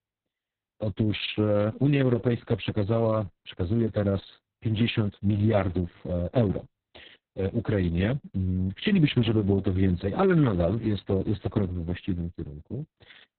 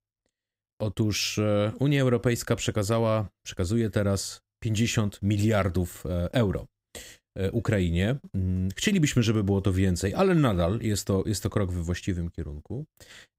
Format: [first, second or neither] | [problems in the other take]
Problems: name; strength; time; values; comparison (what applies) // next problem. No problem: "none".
second | garbled, watery; badly; nothing above 4 kHz